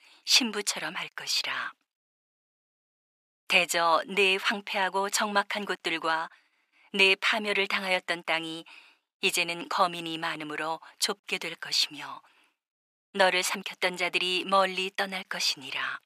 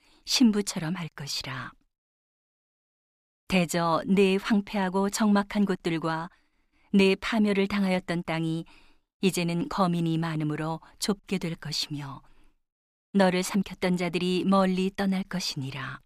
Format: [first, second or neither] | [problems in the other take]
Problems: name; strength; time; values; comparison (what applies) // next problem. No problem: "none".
second | thin; very; fading below 550 Hz